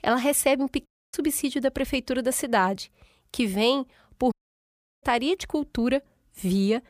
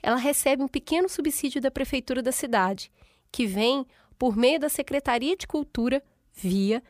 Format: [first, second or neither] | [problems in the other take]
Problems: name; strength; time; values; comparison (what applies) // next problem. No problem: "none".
second | audio cutting out; at 1 s and at 4.5 s for 0.5 s